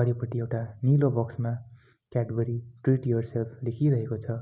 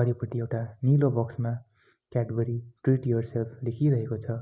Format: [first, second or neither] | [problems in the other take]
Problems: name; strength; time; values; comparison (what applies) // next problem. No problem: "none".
first | noise reduction (neural mask model Resemble Enhance denoiser)